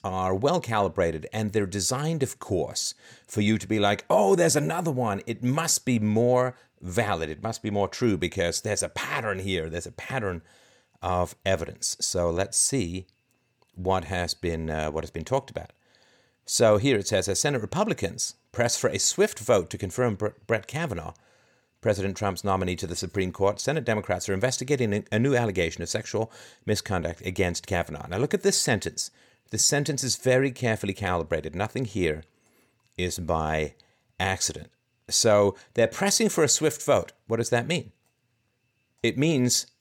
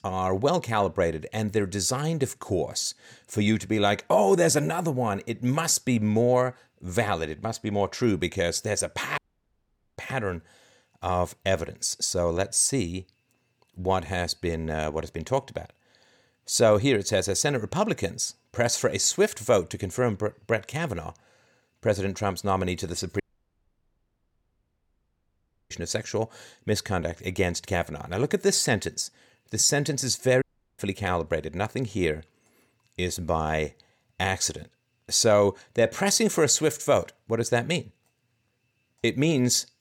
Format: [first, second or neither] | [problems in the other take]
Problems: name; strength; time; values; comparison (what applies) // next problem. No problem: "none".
first | audio cutting out; at 9 s for 1 s, at 23 s for 2.5 s and at 30 s